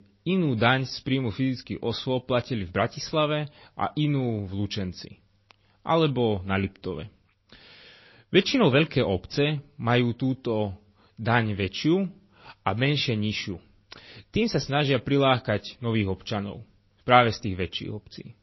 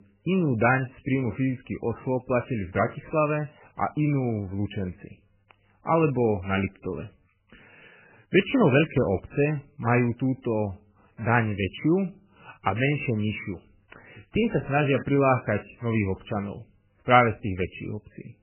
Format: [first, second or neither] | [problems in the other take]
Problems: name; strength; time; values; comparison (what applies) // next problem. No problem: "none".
first | garbled, watery; badly; nothing above 3 kHz; slightly in the first